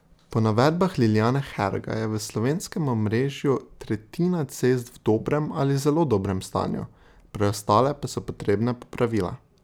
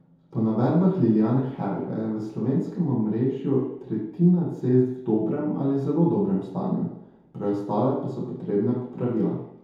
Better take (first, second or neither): first